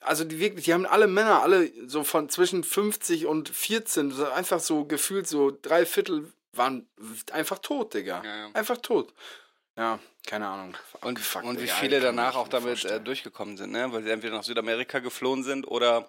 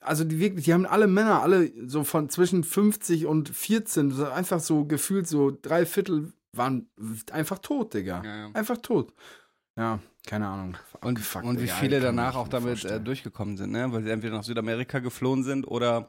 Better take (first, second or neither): second